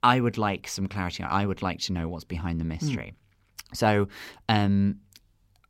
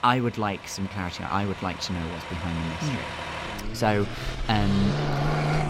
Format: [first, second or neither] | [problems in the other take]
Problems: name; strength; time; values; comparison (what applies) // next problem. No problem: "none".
first | traffic noise; loud; throughout; 4 dB below the speech